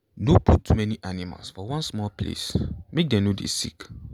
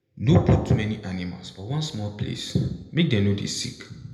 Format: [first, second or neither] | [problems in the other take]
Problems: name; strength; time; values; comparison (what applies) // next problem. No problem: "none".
first | room echo; dies away in 0.8 s